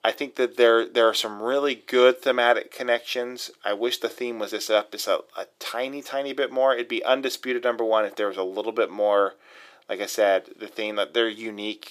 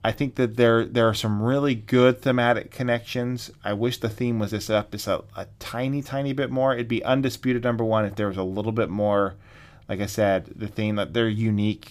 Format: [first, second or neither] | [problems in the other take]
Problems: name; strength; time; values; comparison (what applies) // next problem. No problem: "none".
second | thin; very; fading below 400 Hz